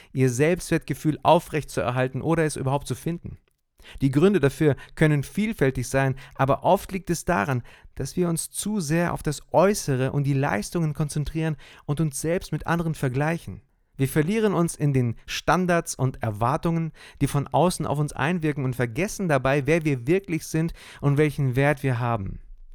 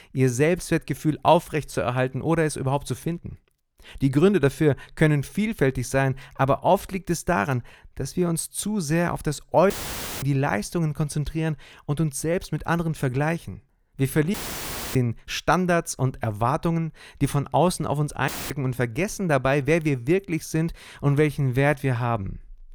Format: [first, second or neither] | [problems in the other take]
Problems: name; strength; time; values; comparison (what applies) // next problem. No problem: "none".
first | audio cutting out; filled with static; at 9.5 s for 0.5 s, at 14 s for 0.5 s and at 18 s